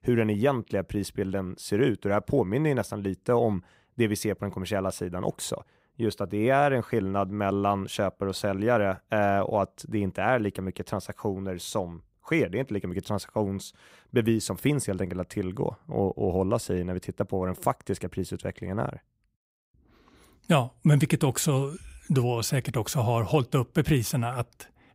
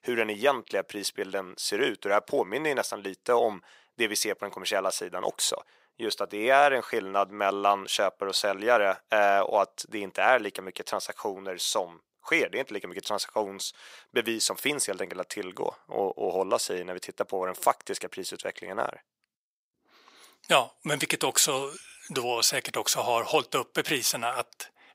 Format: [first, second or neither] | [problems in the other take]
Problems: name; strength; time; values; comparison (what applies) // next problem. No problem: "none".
first | thin; very; fading below 550 Hz